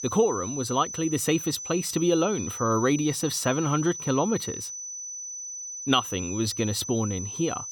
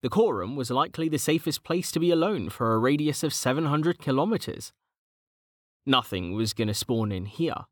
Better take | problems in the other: second | high-pitched whine; loud; throughout; 6 kHz, 7 dB below the speech

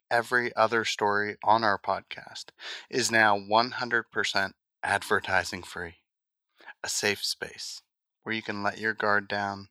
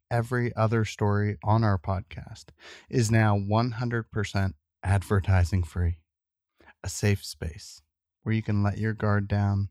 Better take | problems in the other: second | thin; very; fading below 400 Hz

